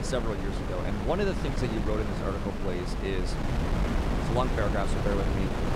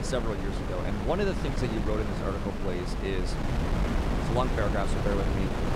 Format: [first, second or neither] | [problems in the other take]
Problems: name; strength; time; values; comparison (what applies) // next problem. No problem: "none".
neither | wind noise on the microphone; heavy; 2 dB below the speech; the same in both